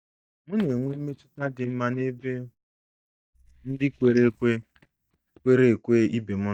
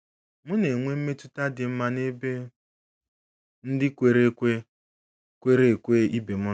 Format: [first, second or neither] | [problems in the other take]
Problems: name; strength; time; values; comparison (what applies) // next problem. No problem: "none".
second | noise reduction (neural mask model DeepFilterNet 3)